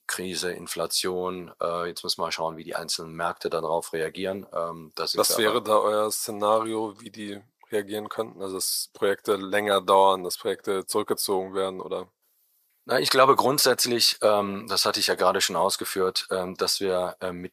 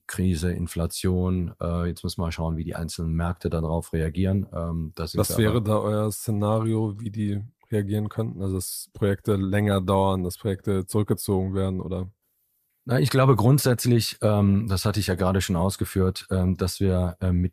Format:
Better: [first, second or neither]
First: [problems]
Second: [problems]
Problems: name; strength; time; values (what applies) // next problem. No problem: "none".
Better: second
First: thin; very; fading below 500 Hz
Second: none